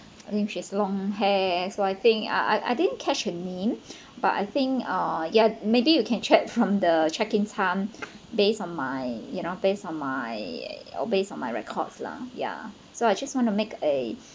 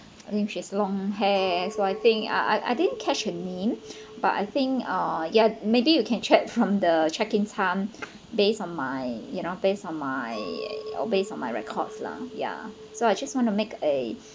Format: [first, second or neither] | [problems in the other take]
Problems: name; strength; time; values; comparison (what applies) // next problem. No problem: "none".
first | background sound (Chink, clink); 17 dB below the speech